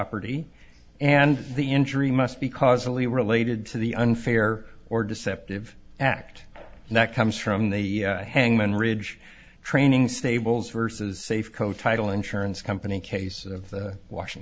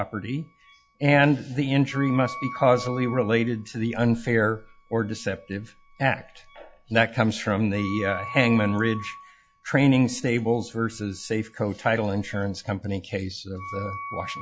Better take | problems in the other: first | noise reduction (classical method log-MMSE)

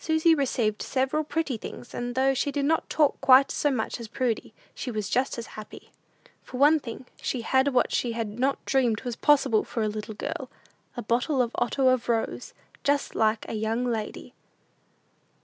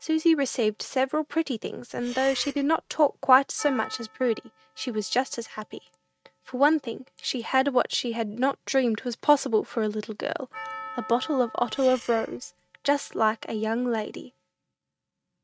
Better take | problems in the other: first | noise reduction (neural mask model RNNoise)

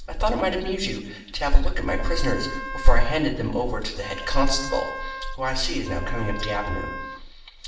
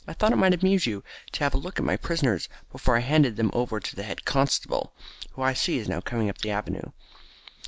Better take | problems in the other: second | background sound (Wind instrument, woodwind instrument); 14 dB below the speech // room echo; dies away in 0.8 s

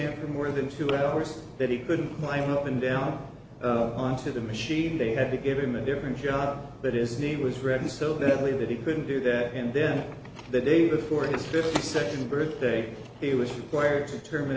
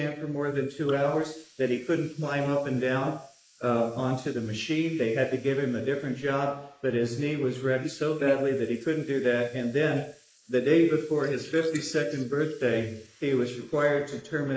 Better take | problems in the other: first | noise reduction (neural mask model Resemble Enhance denoiser)

